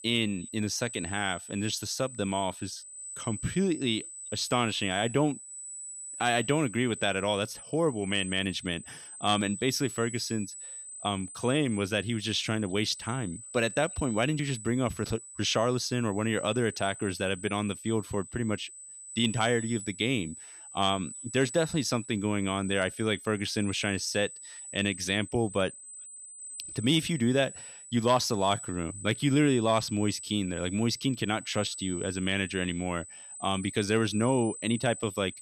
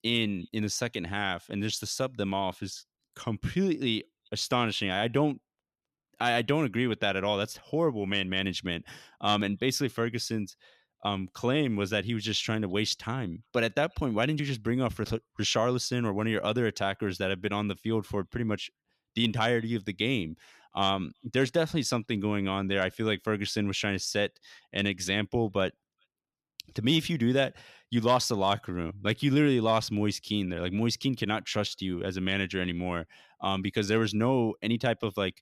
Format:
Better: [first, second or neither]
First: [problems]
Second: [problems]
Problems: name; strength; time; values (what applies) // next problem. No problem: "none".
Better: second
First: high-pitched whine; noticeable; throughout; 8 kHz, 10 dB below the speech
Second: none